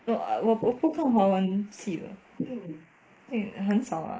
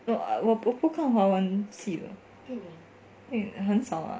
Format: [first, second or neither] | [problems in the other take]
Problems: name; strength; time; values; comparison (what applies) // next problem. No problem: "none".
second | noise reduction (neural mask model Resemble Enhance denoiser)